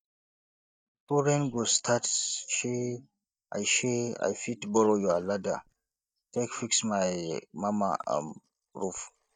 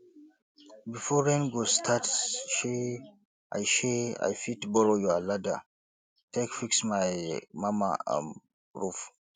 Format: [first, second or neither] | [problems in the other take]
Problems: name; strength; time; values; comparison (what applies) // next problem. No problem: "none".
second | noise reduction (neural mask model DeepFilterNet 3)